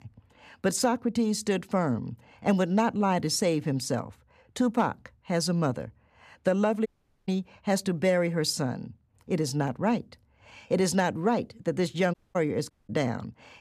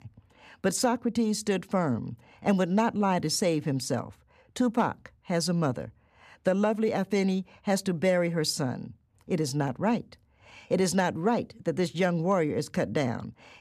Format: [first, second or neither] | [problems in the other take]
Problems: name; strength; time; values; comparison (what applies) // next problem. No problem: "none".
second | audio cutting out; at 7 s, at 12 s and at 13 s